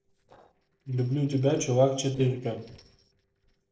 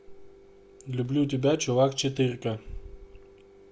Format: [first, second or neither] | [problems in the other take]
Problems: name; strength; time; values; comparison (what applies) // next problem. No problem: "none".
second | noise reduction (neural separator model SepFormer DNS4)